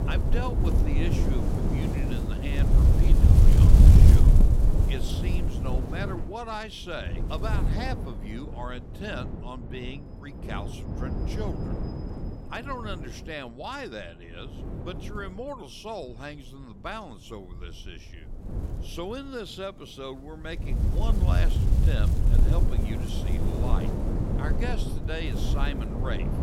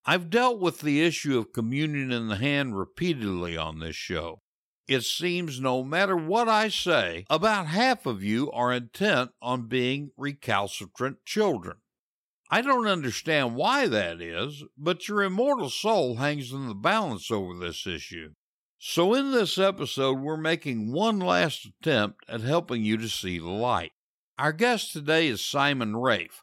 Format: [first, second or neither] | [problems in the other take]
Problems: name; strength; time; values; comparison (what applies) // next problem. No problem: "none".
second | wind noise on the microphone; heavy; as loud as the speech